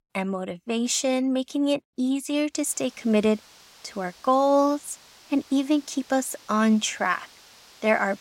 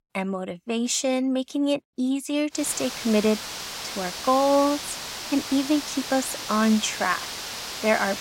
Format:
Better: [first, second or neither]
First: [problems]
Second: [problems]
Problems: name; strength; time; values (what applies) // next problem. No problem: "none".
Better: first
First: hiss; faint; from 2.5 s on; 25 dB below the speech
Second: hiss; loud; from 2.5 s on; 7 dB below the speech